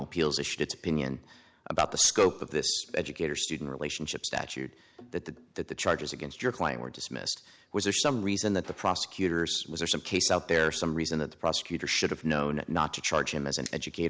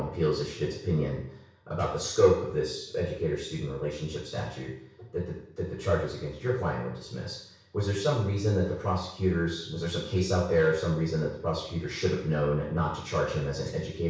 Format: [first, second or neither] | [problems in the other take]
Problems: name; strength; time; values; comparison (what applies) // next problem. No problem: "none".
first | room echo; dies away in 0.6 s